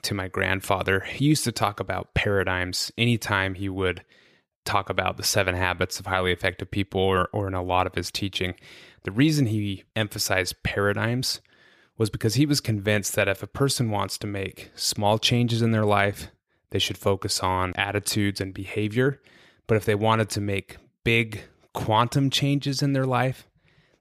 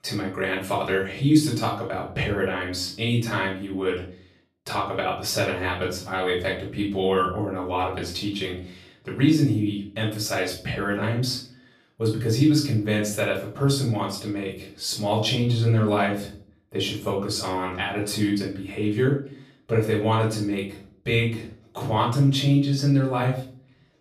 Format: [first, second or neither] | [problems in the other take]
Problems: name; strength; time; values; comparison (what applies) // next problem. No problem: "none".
first | off-mic speech; far // room echo; noticeable; dies away in 0.4 s